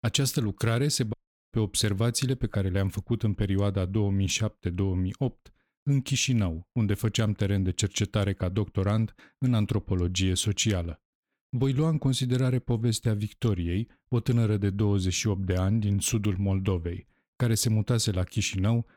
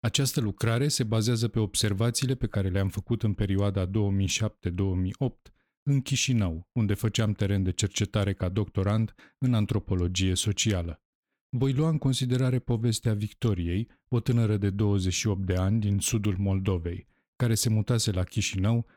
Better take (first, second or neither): second